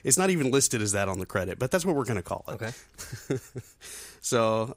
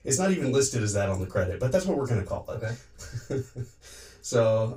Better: first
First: none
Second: room echo; very slight; dies away in 0.2 s // off-mic speech; far

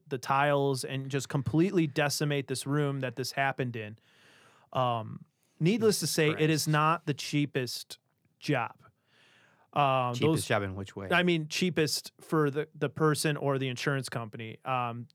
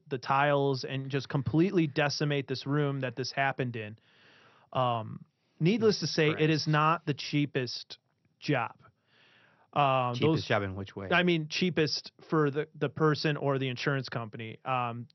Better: first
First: none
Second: garbled, watery; slightly; nothing above 6 kHz

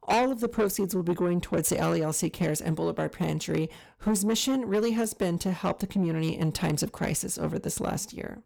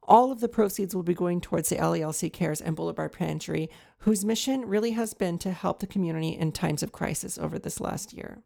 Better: second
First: distortion; heavy; 7 dB below the speech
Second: none

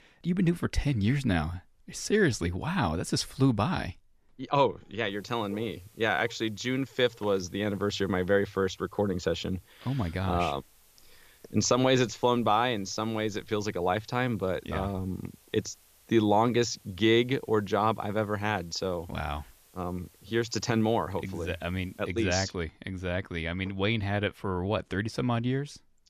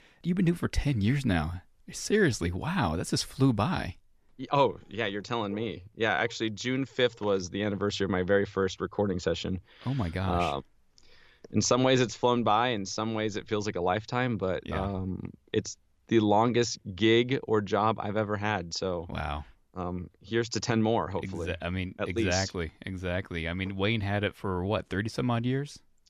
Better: second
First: hiss; faint; from 5 to 22 s; 30 dB below the speech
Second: none

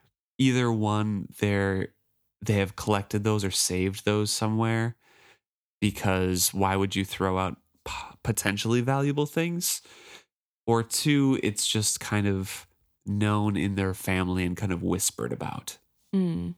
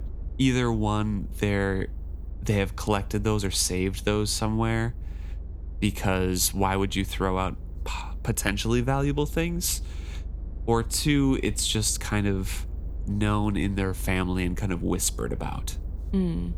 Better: first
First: none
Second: low rumble; faint; throughout; 25 dB below the speech

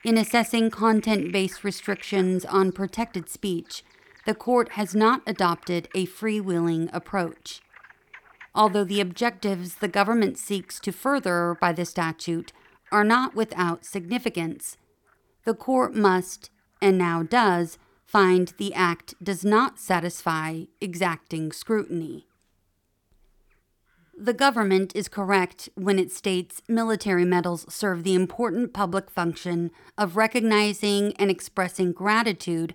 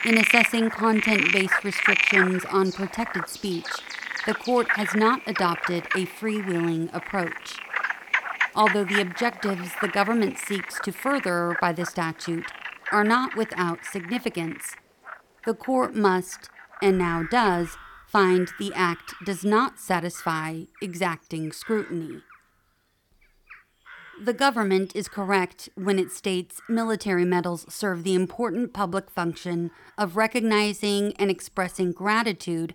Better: first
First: animal sounds; faint; throughout; 25 dB below the speech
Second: animal sounds; loud; throughout; 1 dB below the speech

